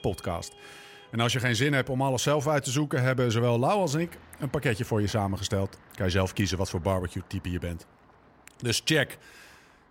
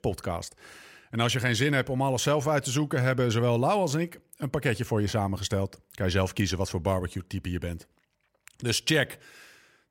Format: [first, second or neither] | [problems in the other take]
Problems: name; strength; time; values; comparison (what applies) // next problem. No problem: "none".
second | traffic noise; faint; throughout; 25 dB below the speech